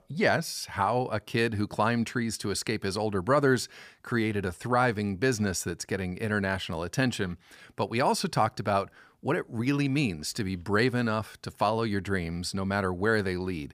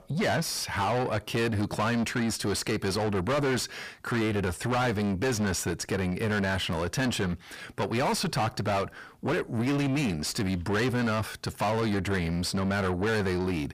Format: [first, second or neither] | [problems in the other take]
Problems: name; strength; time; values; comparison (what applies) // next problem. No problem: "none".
first | distortion; heavy; 6 dB below the speech